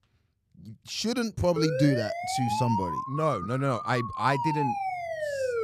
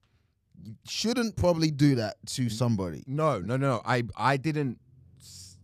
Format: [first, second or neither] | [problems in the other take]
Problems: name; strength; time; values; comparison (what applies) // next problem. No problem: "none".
second | siren; noticeable; from 1.5 s on; peak 1 dB below the speech